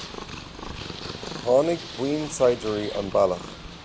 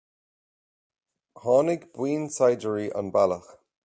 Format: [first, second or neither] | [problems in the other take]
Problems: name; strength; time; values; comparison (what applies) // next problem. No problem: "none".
second | background sound (Purr); 11 dB below the speech